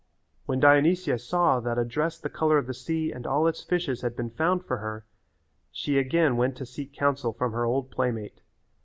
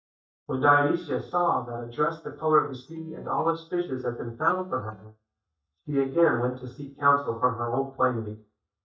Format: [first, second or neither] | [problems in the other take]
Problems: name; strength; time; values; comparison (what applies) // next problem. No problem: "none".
first | noise reduction (neural mask model DeepFilterNet 3)